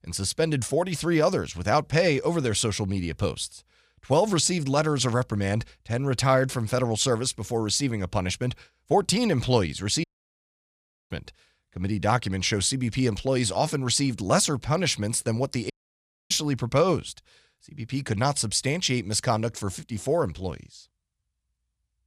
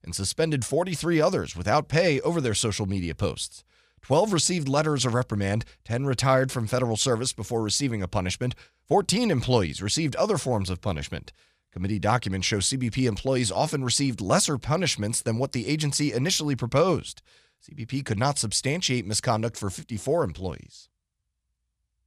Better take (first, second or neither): second